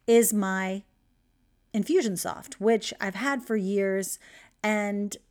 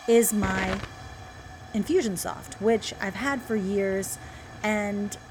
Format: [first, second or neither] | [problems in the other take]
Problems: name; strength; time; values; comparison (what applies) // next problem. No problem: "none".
first | hiss; noticeable; throughout; 10 dB below the speech